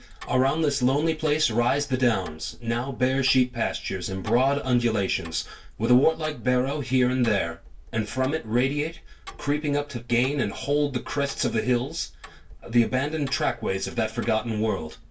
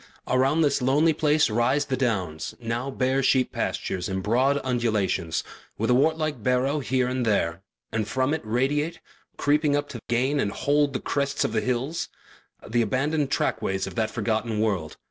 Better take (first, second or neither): second